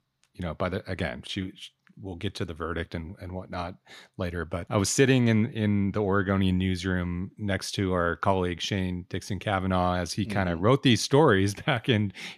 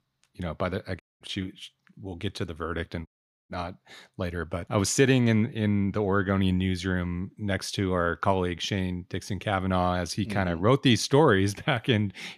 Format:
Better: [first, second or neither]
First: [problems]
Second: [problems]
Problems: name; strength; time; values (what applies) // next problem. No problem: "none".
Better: first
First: none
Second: audio cutting out; at 1 s and at 3 s